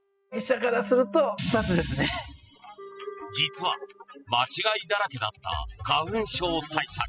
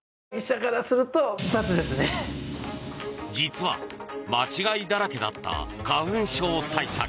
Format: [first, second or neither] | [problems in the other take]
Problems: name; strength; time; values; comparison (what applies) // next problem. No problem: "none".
second | noise reduction (classical method spectral subtraction)